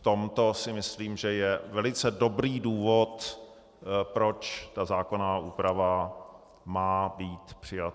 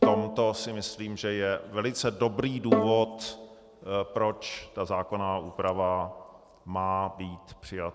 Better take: first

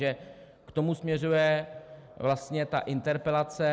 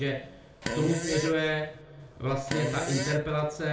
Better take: first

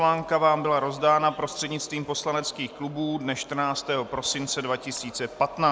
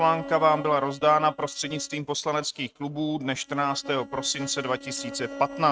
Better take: first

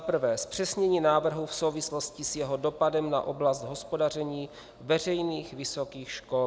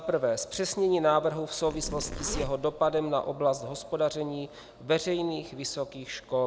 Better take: first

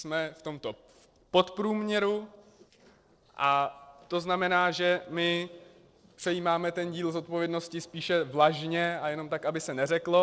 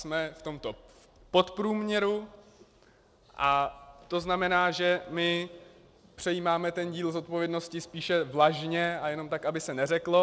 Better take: second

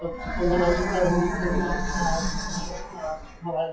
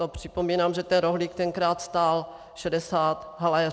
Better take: second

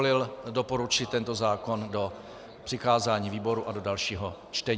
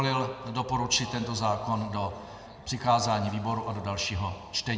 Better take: first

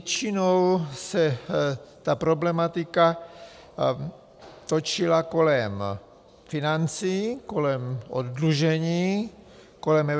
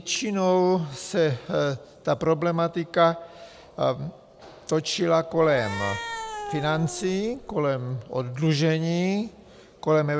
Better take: first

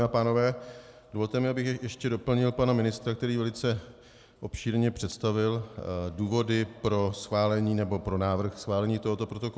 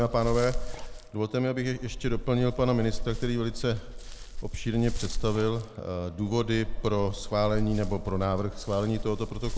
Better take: first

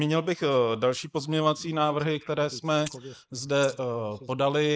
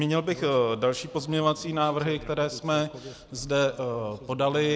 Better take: second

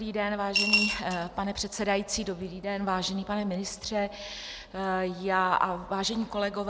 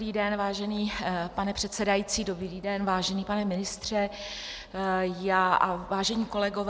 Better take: second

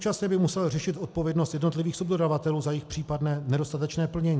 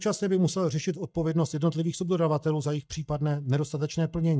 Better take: first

